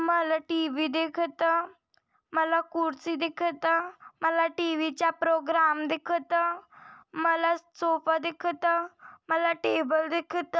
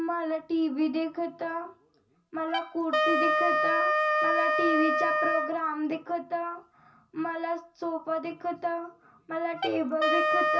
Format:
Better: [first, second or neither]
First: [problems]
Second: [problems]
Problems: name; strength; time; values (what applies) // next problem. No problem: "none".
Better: first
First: none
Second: background sound (Wind instrument, woodwind instrument); 1 dB above the speech // room echo; dies away in 0.4 s